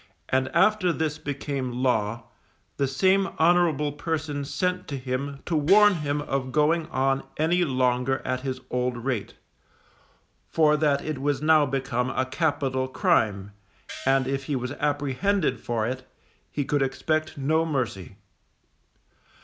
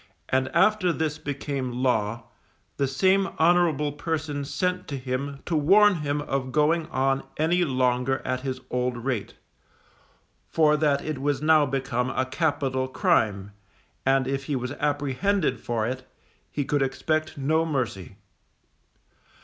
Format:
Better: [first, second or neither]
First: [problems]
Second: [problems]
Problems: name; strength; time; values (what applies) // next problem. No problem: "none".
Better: second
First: background sound (Gong); 19 dB below the speech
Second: none